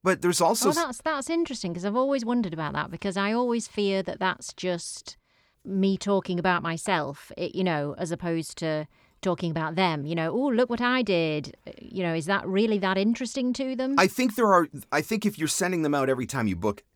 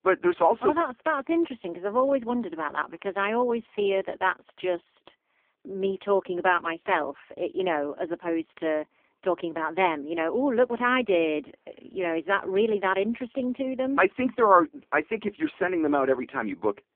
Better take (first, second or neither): first